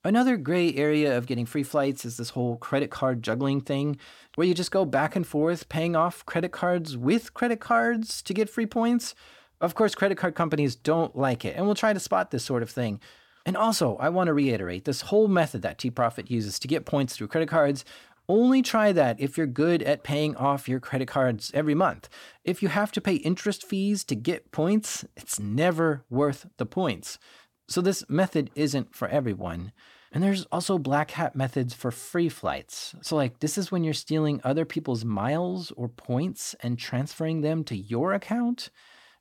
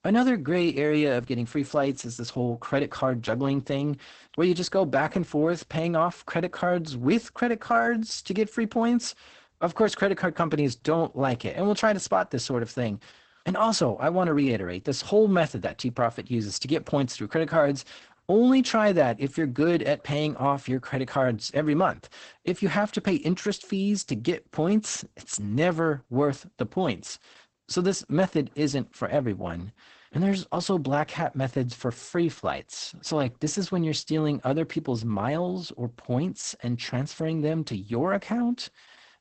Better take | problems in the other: first | garbled, watery; badly; nothing above 8 kHz

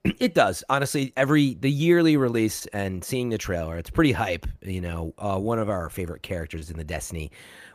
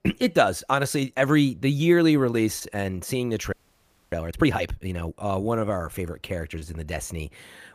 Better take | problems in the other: first | audio freezing; at 3.5 s for 0.5 s

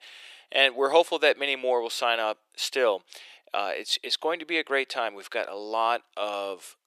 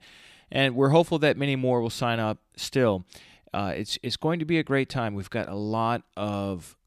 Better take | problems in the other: second | thin; very; fading below 450 Hz

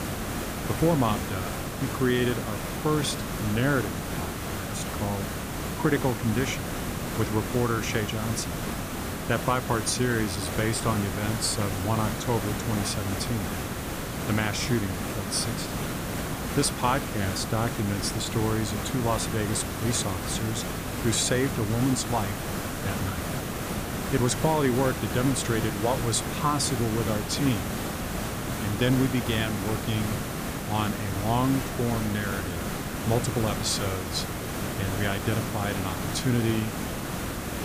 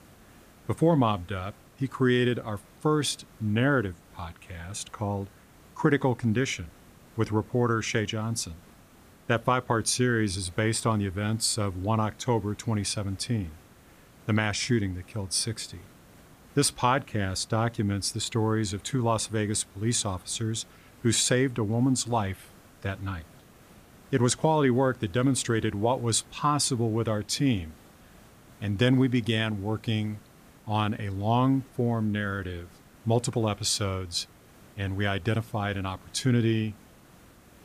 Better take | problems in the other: second | hiss; loud; throughout; 3 dB below the speech; faint in the second

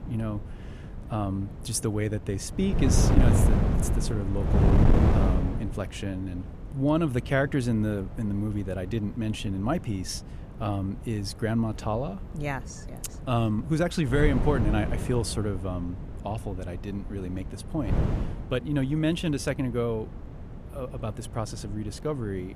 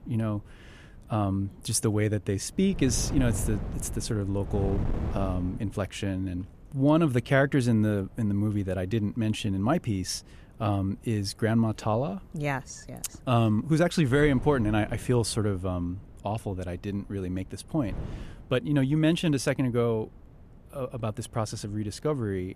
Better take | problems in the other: second | wind noise on the microphone; heavy; 4 dB below the speech; occasional gusts in the second

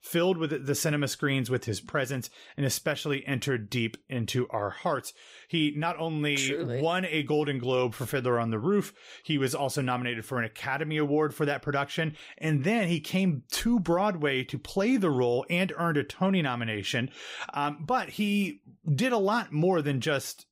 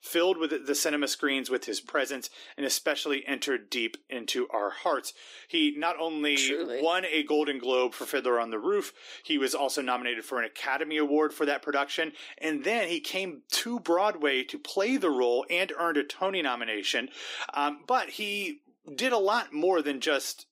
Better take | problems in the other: first | thin; somewhat; fading below 300 Hz

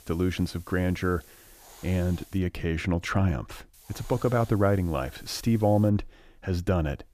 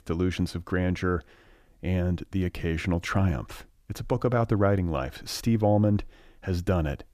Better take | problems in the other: second | hiss; faint; until 2.5 s and from 3.5 to 6 s; 25 dB below the speech

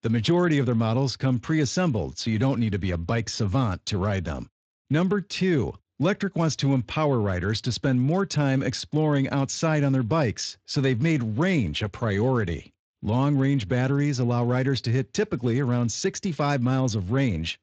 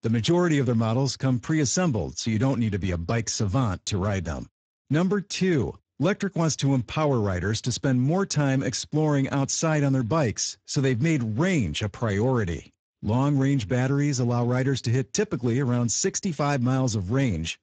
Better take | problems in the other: first | garbled, watery; badly; nothing above 7.5 kHz; slightly in the first

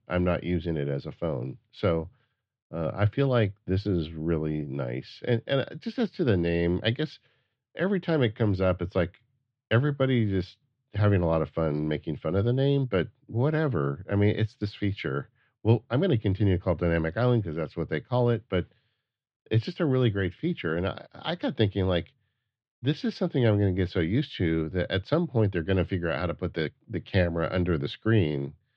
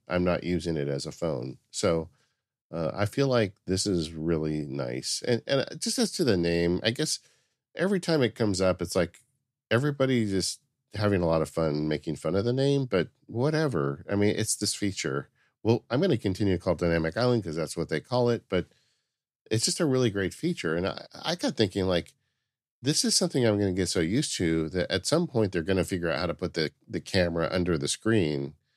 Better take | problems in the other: second | muffled; very; fading above 3.5 kHz

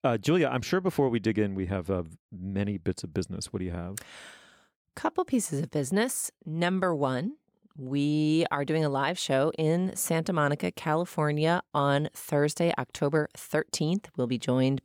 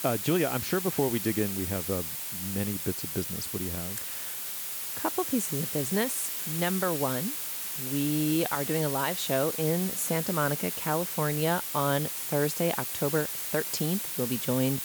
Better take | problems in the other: first | hiss; loud; throughout; 1 dB below the speech

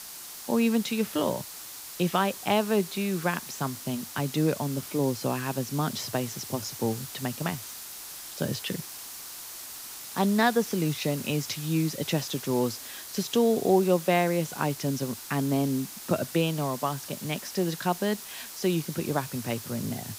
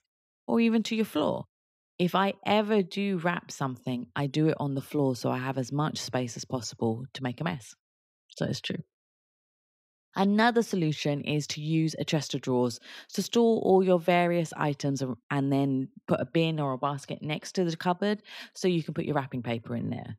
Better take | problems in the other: second | hiss; loud; throughout; 10 dB below the speech

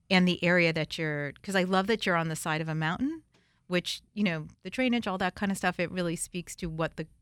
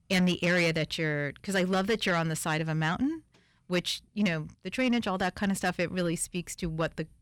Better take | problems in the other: first | distortion; slight; 10 dB below the speech

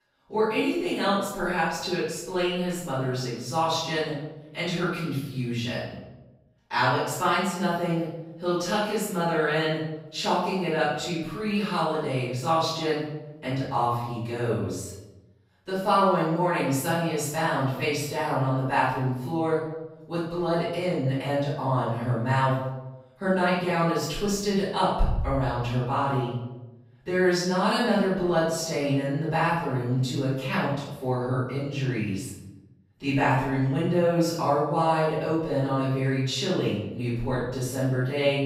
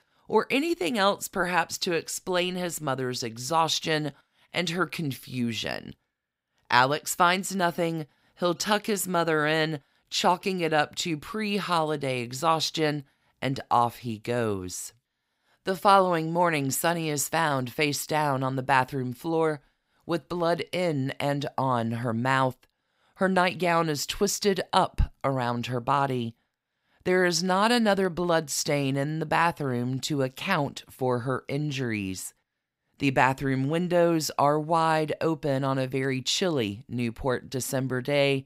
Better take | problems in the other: second | room echo; strong; dies away in 1 s // off-mic speech; far

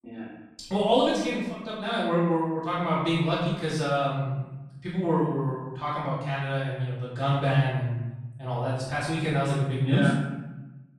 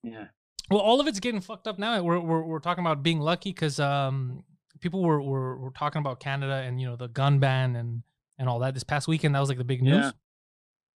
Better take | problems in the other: second | off-mic speech; far // room echo; noticeable; dies away in 0.9 s

